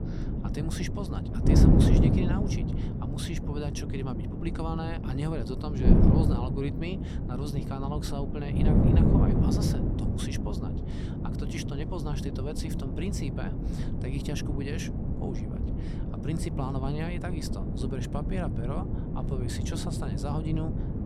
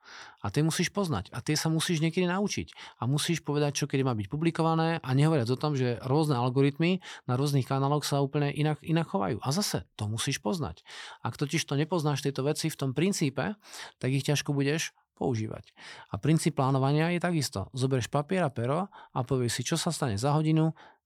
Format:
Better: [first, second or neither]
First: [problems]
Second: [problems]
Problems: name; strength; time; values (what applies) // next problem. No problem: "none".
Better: second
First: wind noise on the microphone; heavy; 2 dB above the speech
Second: none